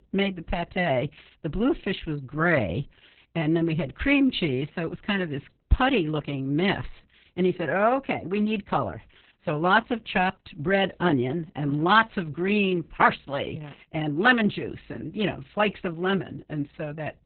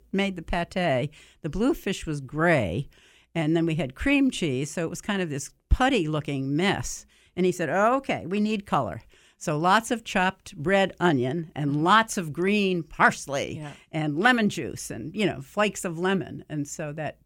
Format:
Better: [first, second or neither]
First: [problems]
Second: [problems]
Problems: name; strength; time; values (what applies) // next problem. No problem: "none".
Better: second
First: garbled, watery; badly; nothing above 4 kHz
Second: none